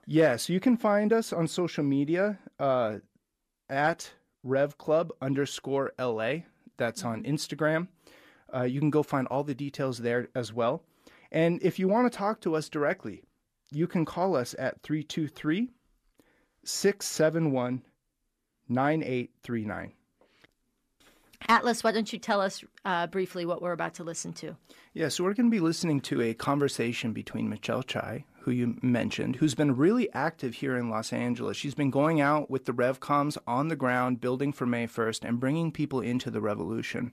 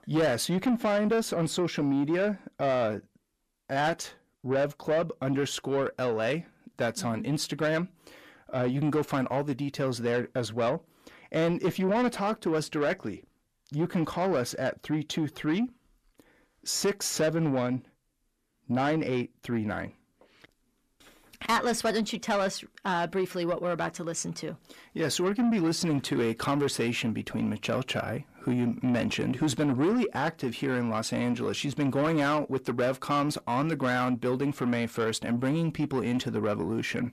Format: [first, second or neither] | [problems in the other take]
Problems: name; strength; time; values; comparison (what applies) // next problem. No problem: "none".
first | distortion; slight; 10 dB below the speech